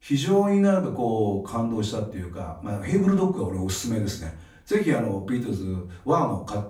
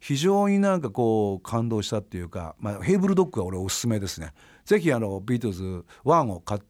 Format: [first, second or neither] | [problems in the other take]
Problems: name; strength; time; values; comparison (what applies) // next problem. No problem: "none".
second | off-mic speech; far // room echo; slight; dies away in 0.4 s